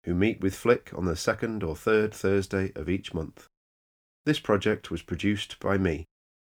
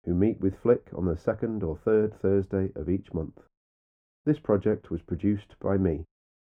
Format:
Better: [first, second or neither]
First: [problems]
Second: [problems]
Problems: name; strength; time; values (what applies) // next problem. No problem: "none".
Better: first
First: none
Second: muffled; very; fading above 1.5 kHz